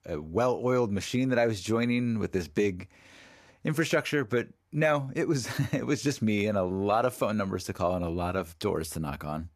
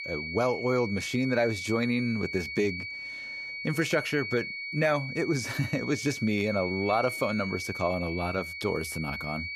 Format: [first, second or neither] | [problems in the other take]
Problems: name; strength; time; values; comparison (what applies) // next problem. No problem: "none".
first | high-pitched whine; loud; throughout; 2 kHz, 6 dB below the speech